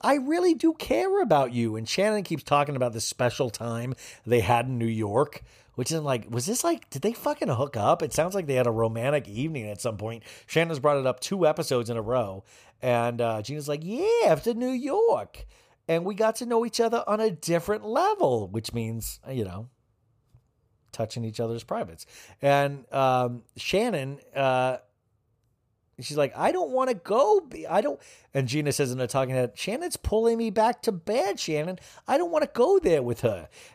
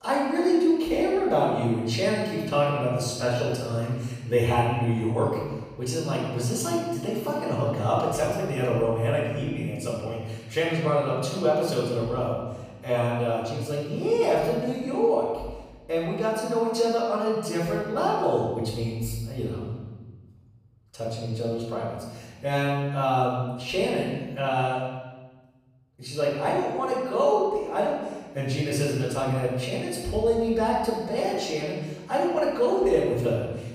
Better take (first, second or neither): first